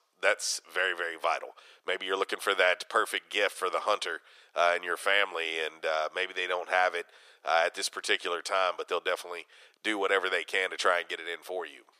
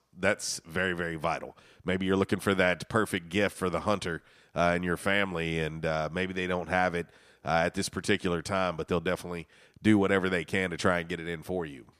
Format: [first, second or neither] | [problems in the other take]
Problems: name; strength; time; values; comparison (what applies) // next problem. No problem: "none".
second | thin; very; fading below 450 Hz